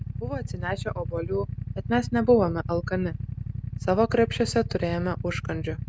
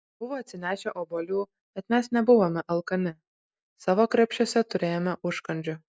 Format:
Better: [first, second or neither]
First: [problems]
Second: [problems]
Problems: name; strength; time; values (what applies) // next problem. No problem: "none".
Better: second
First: background sound (Idling / Motorcycle); 6 dB below the speech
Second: none